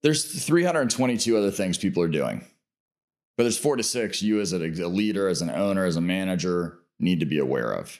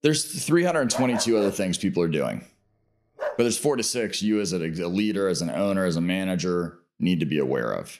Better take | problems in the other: first | dog barking; noticeable; from 1 to 3.5 s; peak 8 dB below the speech

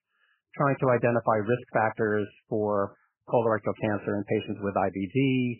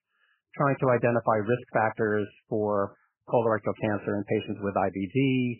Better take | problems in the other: neither | garbled, watery; badly; nothing above 3 kHz; the same in both

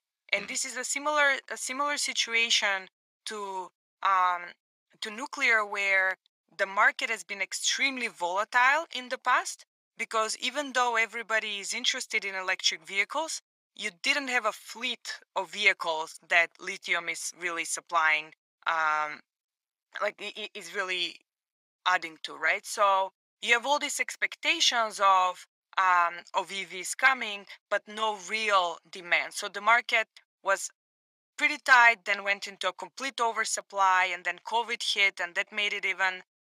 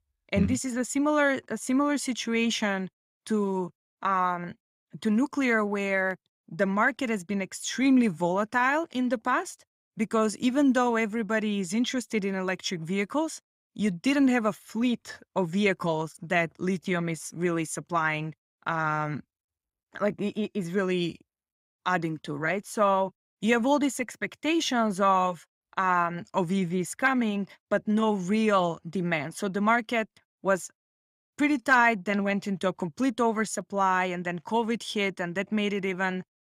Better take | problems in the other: second | thin; very; fading below 850 Hz

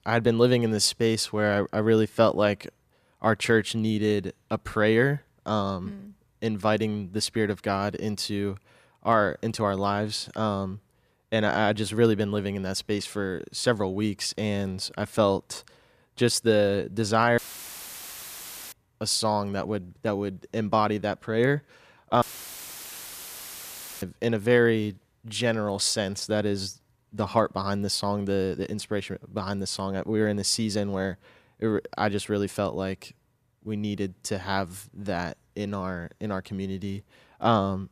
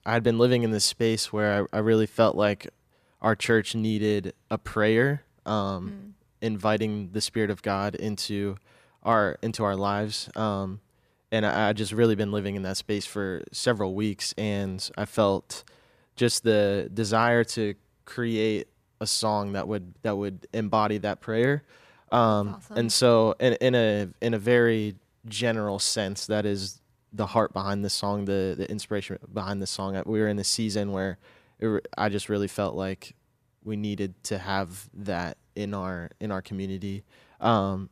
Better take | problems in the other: second | audio cutting out; filled with static; at 17 s for 1.5 s and at 22 s for 2 s

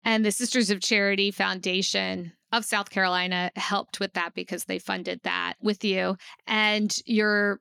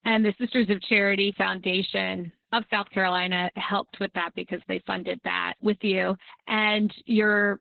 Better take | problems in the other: first | garbled, watery; badly; nothing above 4 kHz

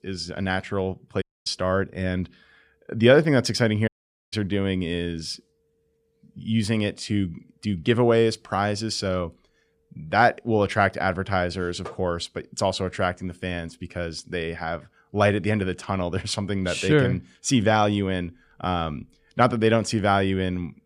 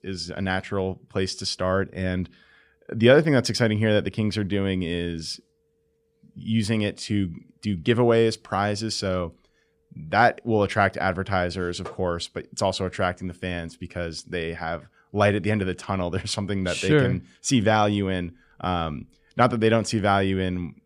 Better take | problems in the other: second | audio cutting out; at 1 s and at 4 s

